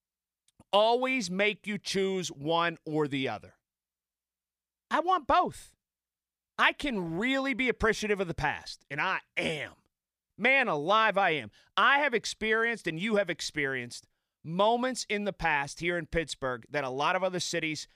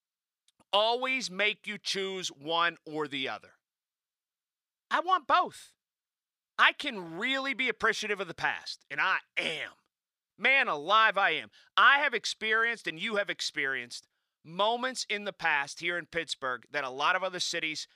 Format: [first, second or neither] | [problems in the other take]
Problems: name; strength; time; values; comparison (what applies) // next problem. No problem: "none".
first | thin; somewhat; fading below 350 Hz